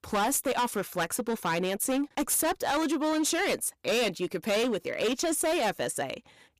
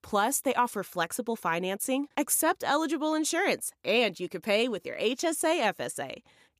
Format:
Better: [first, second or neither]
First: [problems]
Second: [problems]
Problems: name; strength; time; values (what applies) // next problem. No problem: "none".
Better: second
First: distortion; heavy; 17% of the sound clipped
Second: none